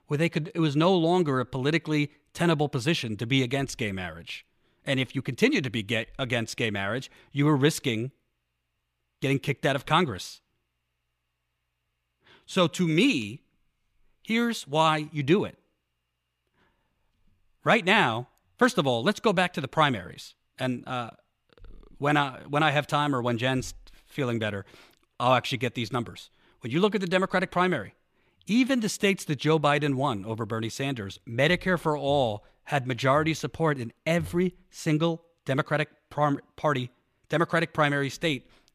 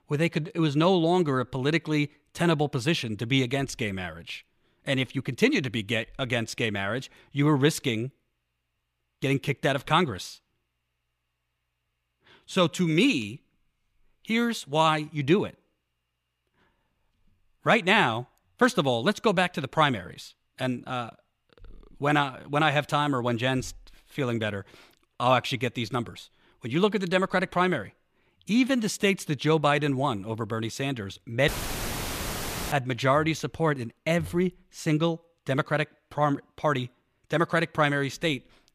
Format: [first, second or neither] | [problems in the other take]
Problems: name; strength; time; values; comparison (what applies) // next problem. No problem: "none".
first | audio cutting out; filled with static; at 31 s for 1 s